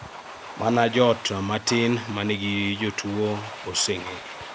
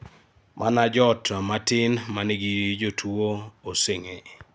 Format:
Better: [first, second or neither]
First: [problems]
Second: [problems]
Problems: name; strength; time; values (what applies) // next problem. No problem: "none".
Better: second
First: background sound (Domestic sounds, home sounds); 13 dB below the speech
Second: none